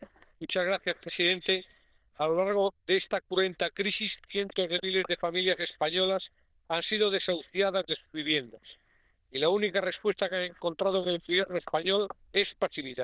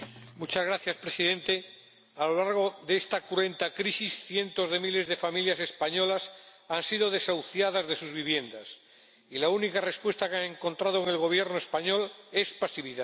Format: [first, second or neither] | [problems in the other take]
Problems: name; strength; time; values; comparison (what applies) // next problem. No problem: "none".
second | noise reduction (neural diffusion model UNIVERSE++)